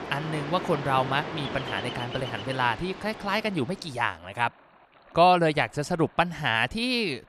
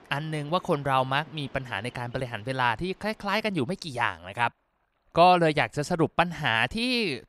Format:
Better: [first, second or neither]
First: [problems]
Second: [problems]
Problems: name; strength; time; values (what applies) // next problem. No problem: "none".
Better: second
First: rain or running water; loud; throughout; 9 dB below the speech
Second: rain or running water; faint; throughout; 25 dB below the speech